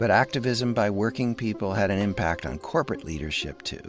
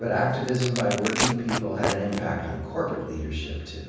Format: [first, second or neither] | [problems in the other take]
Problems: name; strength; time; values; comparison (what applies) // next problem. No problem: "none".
first | background sound (Tearing); 5 dB below the speech // room echo; dies away in 1.1 s